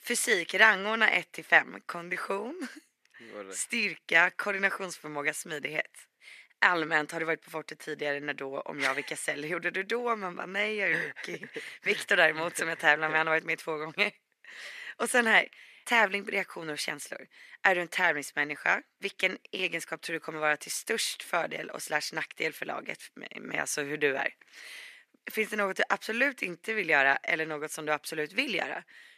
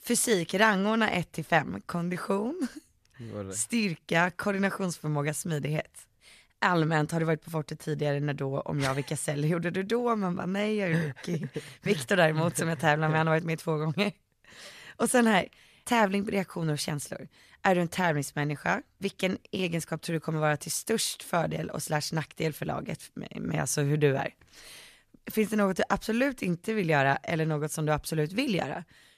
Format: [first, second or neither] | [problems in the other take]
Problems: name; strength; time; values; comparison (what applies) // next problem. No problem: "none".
second | thin; somewhat; fading below 300 Hz